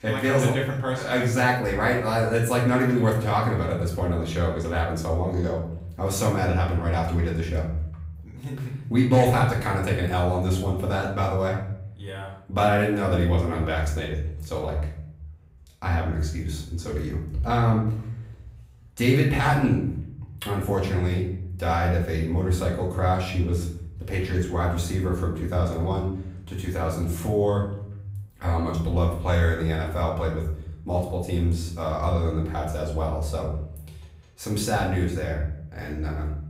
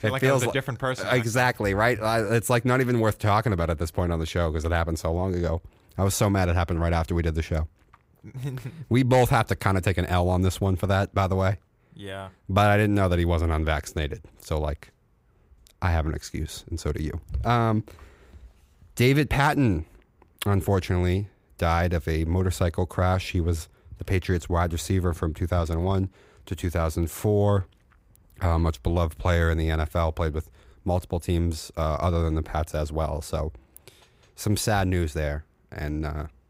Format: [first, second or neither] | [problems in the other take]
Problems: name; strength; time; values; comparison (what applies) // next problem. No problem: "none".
second | off-mic speech; far // room echo; noticeable; dies away in 0.7 s